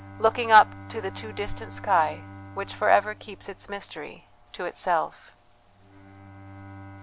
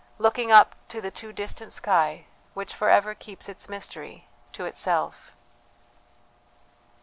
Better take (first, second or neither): second